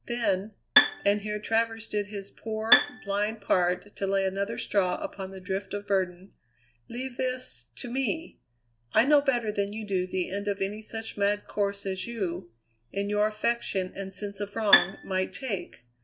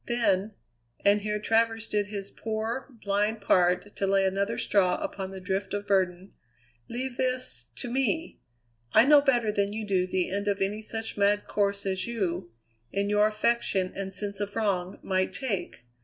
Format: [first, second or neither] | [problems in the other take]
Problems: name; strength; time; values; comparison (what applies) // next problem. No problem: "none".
second | background sound (Bowed string instrument); 2 dB above the speech